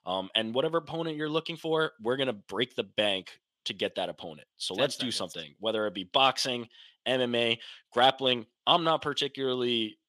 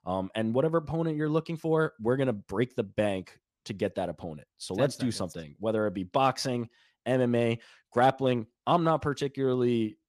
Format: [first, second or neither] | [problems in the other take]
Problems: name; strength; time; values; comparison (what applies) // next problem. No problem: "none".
second | thin; very slightly; fading below 900 Hz